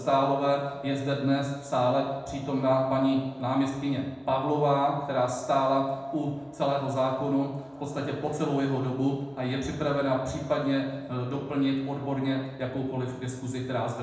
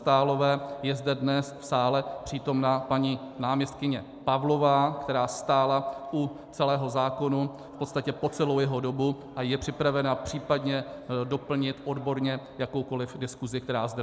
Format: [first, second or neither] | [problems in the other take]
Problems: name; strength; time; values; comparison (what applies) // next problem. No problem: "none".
second | room echo; dies away in 0.8 s